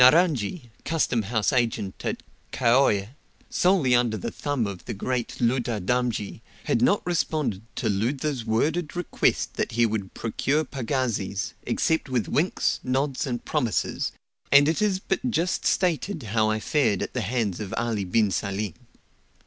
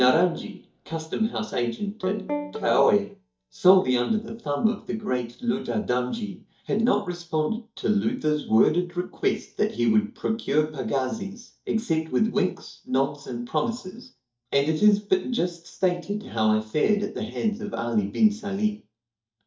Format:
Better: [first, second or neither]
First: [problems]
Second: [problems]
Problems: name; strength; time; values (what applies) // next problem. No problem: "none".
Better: first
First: none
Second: noise reduction (neural mask model DeepFilterNet 3)